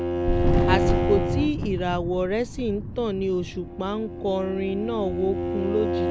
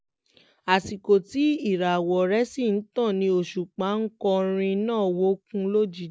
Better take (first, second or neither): second